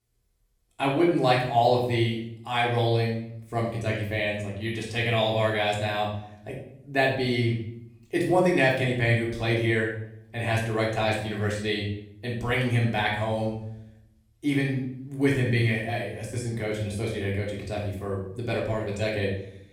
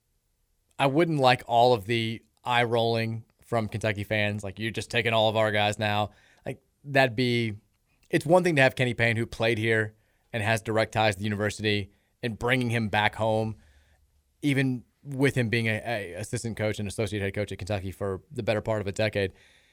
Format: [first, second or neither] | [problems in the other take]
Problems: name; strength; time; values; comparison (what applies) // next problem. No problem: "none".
second | off-mic speech; far // room echo; noticeable; dies away in 0.6 s